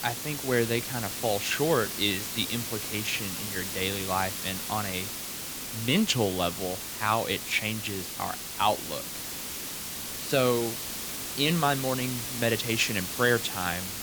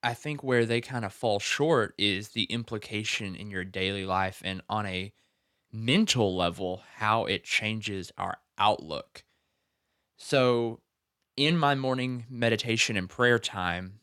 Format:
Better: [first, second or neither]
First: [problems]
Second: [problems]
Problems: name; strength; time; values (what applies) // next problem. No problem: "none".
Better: second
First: hiss; loud; throughout; 4 dB below the speech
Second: none